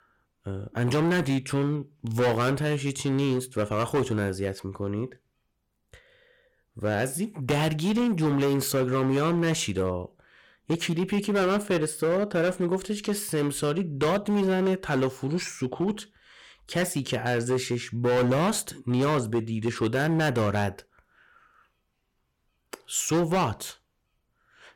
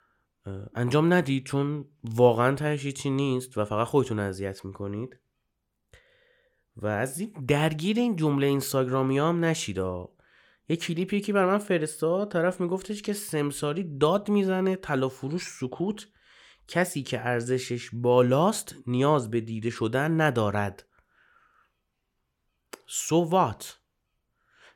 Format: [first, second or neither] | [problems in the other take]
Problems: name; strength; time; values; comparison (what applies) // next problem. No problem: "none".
second | distortion; heavy; 10% of the sound clipped